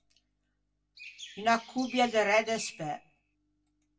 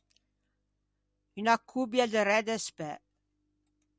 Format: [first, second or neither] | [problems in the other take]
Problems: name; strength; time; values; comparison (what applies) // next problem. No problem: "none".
second | background sound (Chirp, tweet); 17 dB below the speech // room echo; dies away in 0.2 s